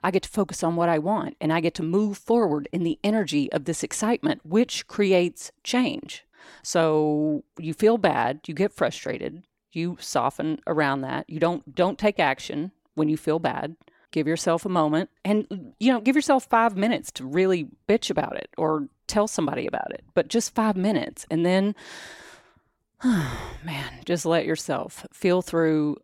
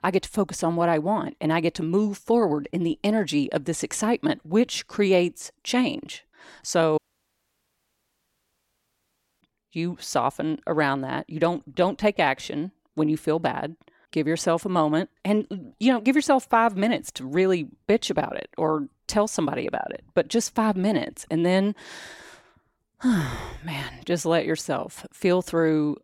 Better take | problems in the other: first | audio cutting out; at 7 s for 2.5 s

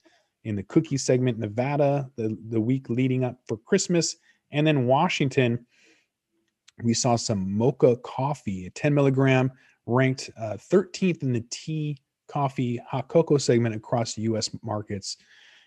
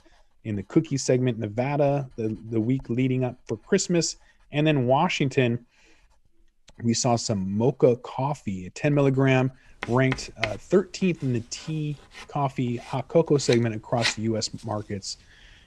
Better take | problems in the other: first | household noises; loud; throughout; 9 dB below the speech

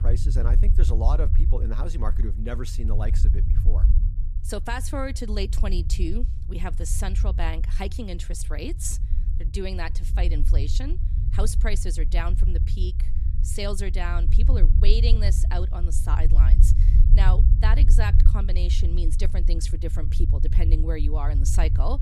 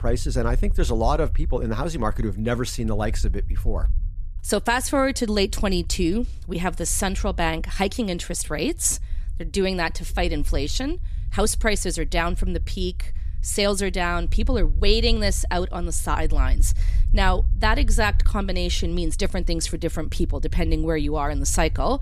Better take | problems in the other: second | low rumble; loud; throughout; 8 dB below the speech; faint in the second

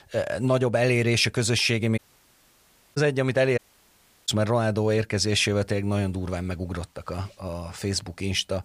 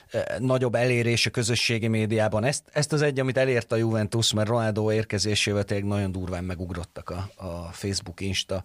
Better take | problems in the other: second | audio cutting out; at 2 s for 1 s and at 3.5 s for 0.5 s

